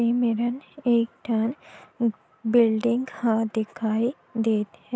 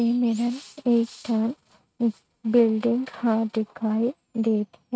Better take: first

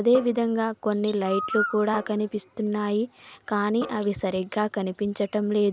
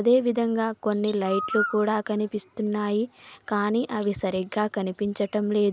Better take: second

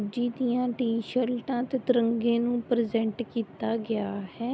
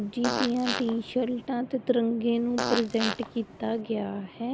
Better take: first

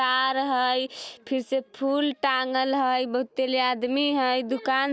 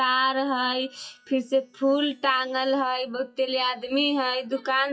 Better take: first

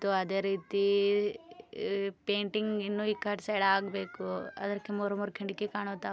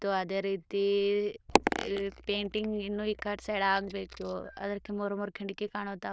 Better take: first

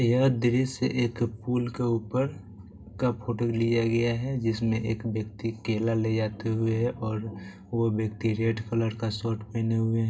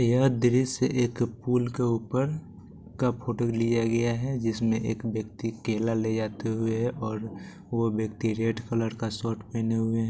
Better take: second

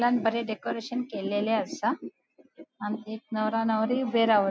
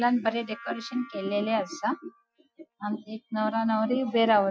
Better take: first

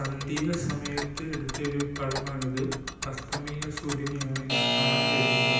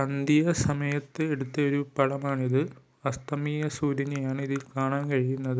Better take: second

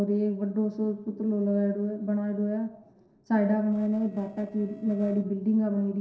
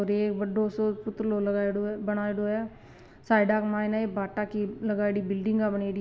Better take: second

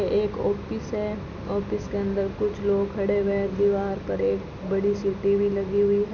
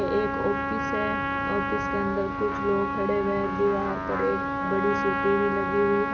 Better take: first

